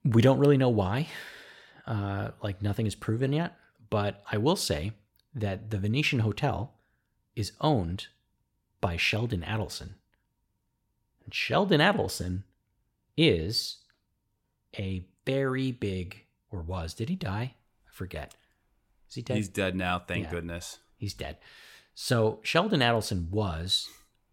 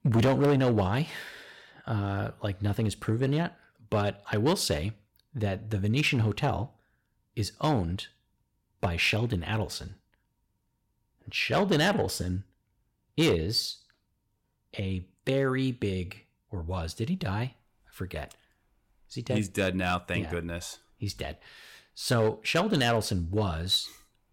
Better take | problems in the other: first | distortion; slight; 3% of the sound clipped

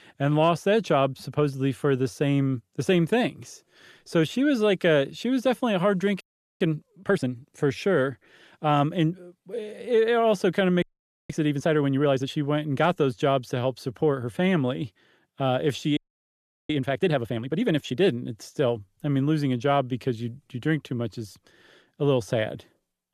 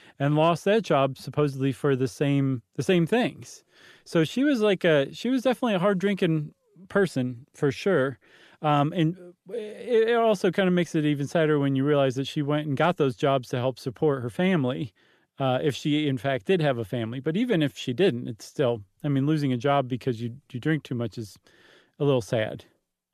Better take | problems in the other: second | audio freezing; at 6 s, at 11 s and at 16 s for 0.5 s

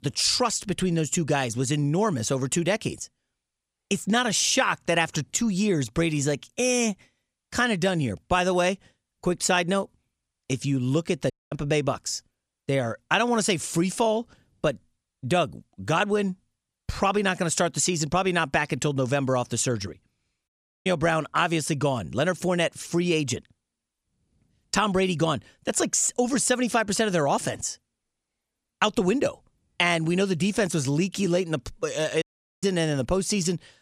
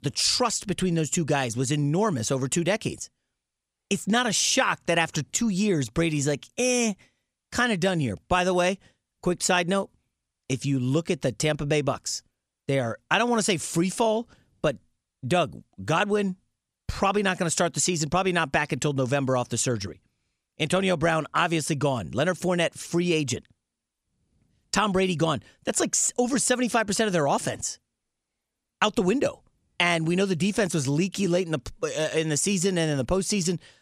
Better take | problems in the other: second | audio cutting out; at 11 s, at 20 s and at 32 s

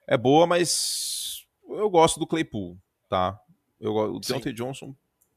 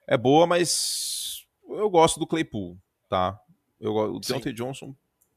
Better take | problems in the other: neither | none

